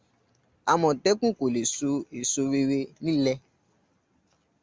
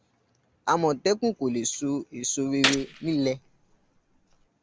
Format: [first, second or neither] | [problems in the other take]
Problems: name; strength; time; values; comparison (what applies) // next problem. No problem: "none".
first | background sound (Gunshot, gunfire); 4 dB below the speech